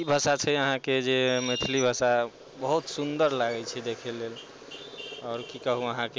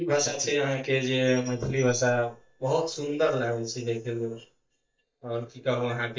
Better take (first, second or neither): first